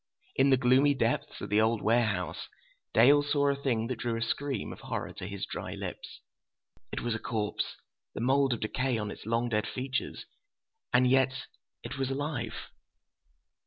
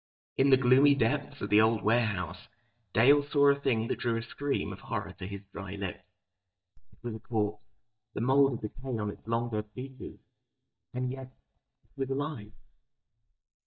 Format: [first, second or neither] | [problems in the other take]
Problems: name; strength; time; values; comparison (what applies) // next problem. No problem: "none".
first | noise reduction (neural mask model DeepFilterNet 3)